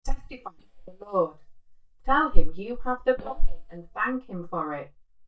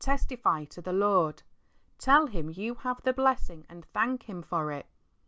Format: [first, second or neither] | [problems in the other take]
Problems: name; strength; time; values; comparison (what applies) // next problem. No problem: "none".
second | noise reduction (neural mask model DeepFilterNet 3)